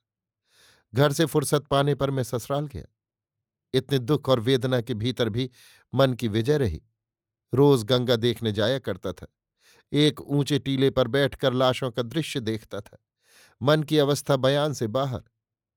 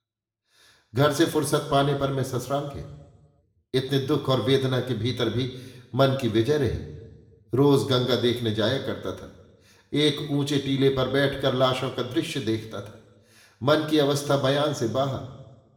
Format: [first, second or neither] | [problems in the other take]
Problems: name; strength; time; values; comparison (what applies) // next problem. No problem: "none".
first | room echo; slight; dies away in 0.8 s